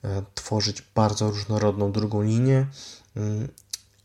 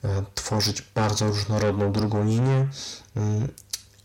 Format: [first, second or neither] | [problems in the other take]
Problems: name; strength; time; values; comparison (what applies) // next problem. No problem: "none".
first | distortion; heavy; 7 dB below the speech